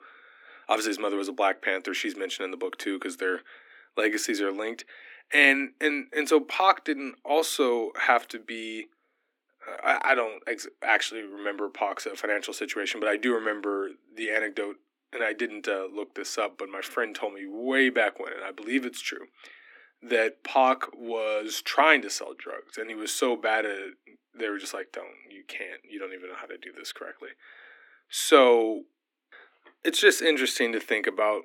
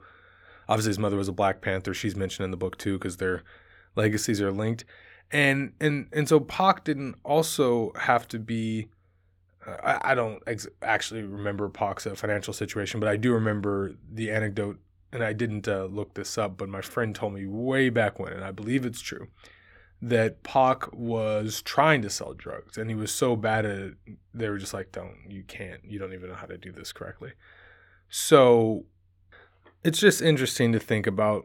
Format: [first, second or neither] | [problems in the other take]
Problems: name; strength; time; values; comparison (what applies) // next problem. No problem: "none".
second | thin; very slightly; fading below 250 Hz